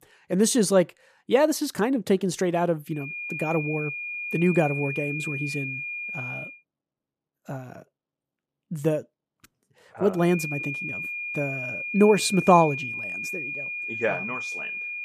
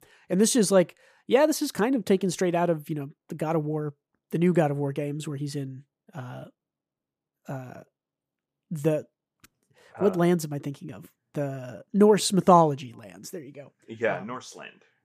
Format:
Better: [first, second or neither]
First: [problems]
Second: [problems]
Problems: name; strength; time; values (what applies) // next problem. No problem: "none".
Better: second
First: high-pitched whine; loud; from 3 to 6.5 s and from 10 s on; 2.5 kHz, 6 dB below the speech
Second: none